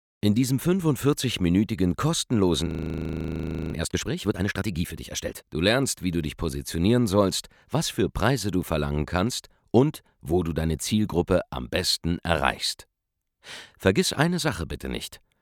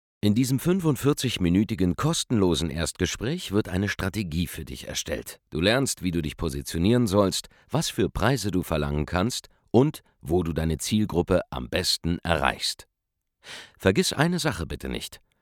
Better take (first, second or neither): second